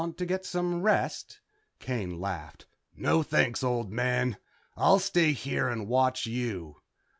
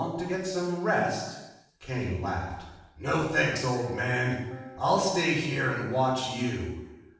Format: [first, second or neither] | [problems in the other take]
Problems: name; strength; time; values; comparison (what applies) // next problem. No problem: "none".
first | background sound (Piano); 20 dB below the speech // room echo; dies away in 0.9 s